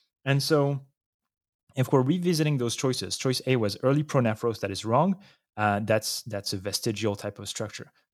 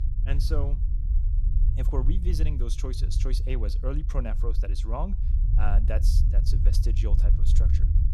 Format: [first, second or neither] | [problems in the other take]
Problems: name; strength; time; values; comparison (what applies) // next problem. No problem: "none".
first | low rumble; loud; throughout; 7 dB below the speech